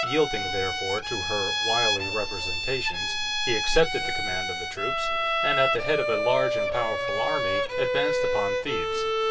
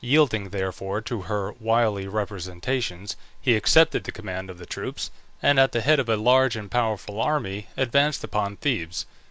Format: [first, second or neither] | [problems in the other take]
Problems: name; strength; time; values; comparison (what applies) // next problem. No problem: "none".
second | background sound (Bowed string instrument); 2 dB above the speech // room echo; dies away in 2.3 s